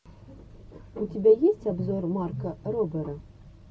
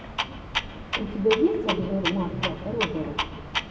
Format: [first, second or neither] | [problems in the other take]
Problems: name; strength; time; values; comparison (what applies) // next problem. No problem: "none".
first | background sound (Clock); 4 dB below the speech // room echo; dies away in 1.7 s